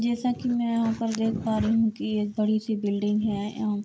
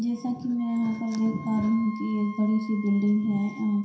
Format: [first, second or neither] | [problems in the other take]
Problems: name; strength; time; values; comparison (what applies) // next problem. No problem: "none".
first | background sound (Wind instrument, woodwind instrument); 19 dB below the speech // room echo; dies away in 0.7 s